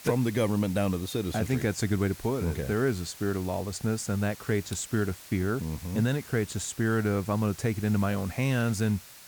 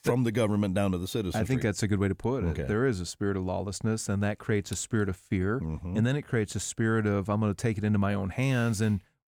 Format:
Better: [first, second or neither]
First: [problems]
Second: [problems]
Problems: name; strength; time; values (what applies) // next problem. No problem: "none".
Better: second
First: hiss; noticeable; throughout; 15 dB below the speech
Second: none